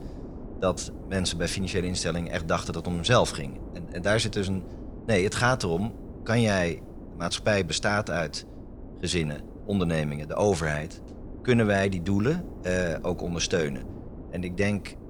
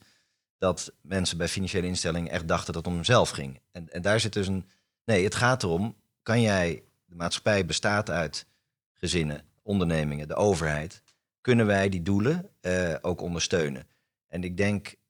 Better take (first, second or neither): second